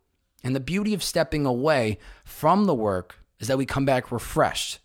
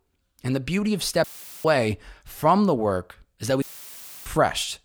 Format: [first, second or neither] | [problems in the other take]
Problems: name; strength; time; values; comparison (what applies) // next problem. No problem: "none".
first | audio cutting out; filled with static; at 1 s and at 3.5 s for 0.5 s